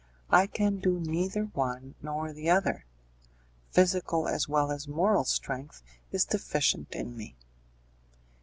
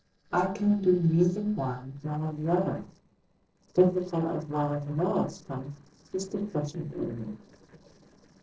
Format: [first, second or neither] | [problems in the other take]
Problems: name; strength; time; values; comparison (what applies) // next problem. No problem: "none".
first | noise reduction (neural separator model SepFormer DNS4)